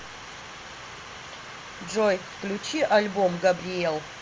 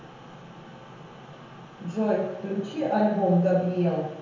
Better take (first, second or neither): first